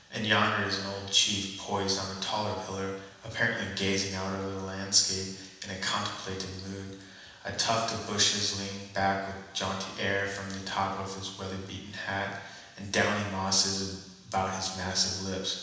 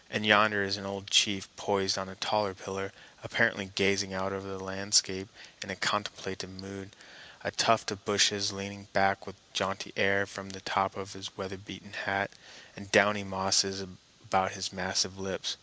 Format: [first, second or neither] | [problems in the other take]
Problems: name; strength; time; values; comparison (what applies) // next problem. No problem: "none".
second | room echo; dies away in 1.1 s